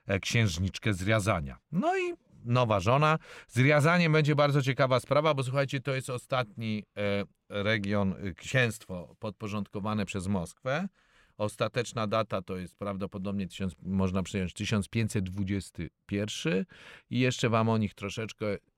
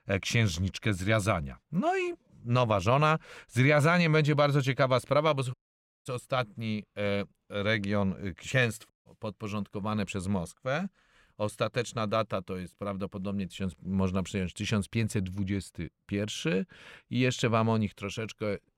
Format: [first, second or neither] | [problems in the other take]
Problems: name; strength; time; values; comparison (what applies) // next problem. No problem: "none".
first | audio cutting out; at 5.5 s for 0.5 s and at 9 s